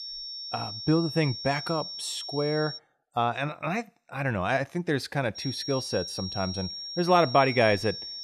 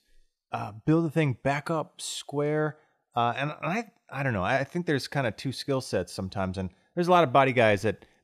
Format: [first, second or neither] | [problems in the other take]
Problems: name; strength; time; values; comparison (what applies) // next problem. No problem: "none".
second | high-pitched whine; loud; until 3 s and from 5.5 s on; 5.5 kHz, 7 dB below the speech